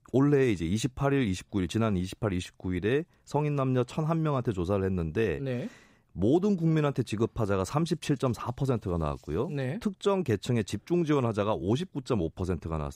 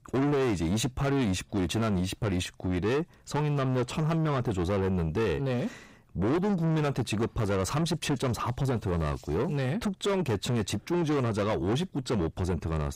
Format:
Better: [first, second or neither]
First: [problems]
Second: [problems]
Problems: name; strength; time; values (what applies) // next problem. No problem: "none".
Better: first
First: none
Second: distortion; heavy; 7 dB below the speech